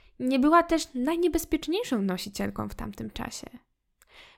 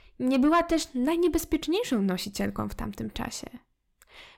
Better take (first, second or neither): first